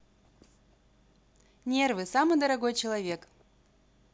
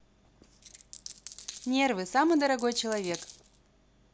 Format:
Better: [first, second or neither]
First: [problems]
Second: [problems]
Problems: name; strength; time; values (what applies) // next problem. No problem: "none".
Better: first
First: none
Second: background sound (Coin (dropping)); 17 dB below the speech